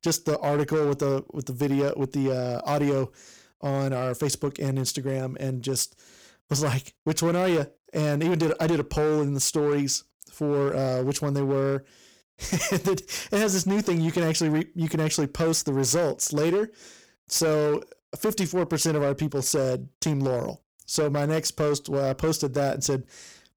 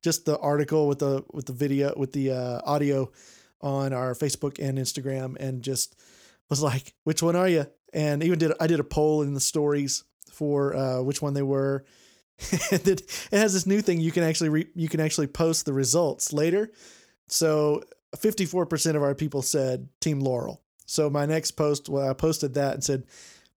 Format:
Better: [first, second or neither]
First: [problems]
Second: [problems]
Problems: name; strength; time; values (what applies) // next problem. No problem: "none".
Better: second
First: distortion; slight; 11% of the sound clipped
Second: none